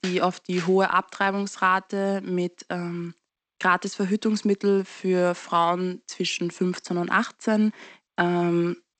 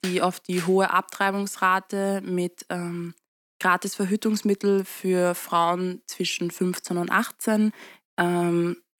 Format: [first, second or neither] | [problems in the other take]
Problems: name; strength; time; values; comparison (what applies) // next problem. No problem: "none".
second | garbled, watery; slightly; nothing above 8 kHz